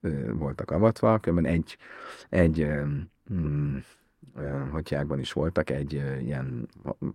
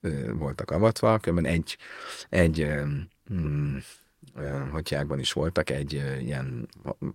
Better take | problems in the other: second | muffled; slightly; fading above 2.5 kHz

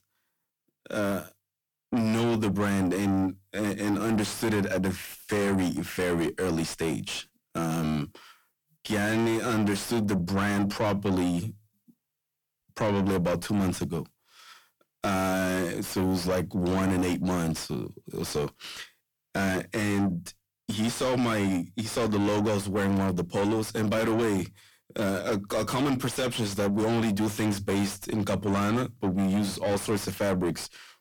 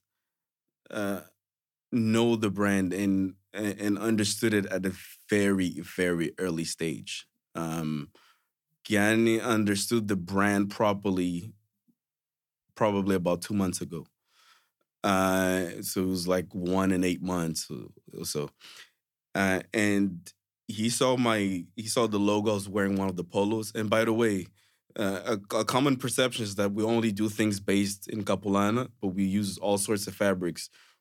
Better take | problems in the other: second | distortion; heavy; 5 dB below the speech

